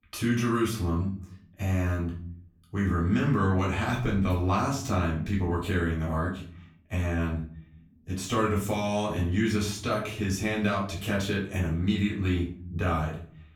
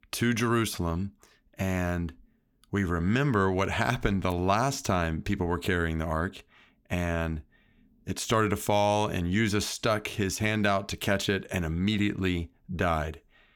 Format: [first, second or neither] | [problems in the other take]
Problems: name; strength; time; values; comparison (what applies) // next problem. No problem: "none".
second | room echo; slight; dies away in 0.5 s // off-mic speech; far